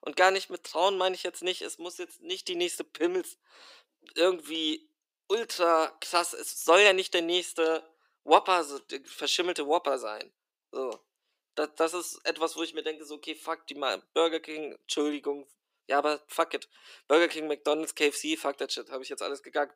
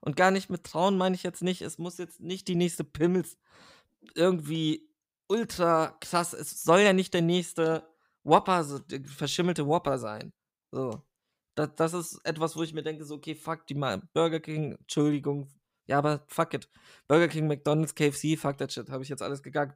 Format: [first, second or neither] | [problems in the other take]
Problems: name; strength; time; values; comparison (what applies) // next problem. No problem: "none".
second | thin; somewhat; fading below 350 Hz